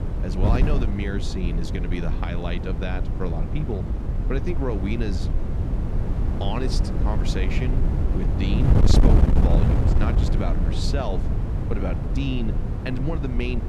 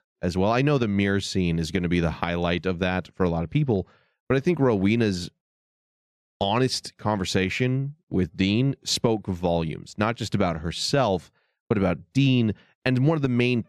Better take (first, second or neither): second